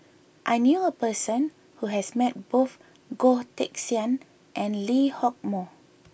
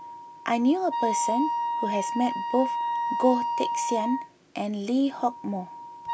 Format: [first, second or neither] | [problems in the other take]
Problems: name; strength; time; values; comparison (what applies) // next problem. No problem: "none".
first | background sound (Wind instrument, woodwind instrument); 3 dB below the speech